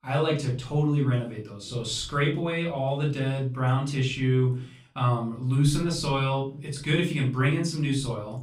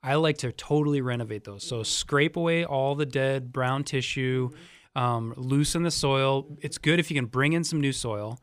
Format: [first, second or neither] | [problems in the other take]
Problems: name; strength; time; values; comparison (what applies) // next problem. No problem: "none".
second | room echo; slight; dies away in 0.4 s // off-mic speech; far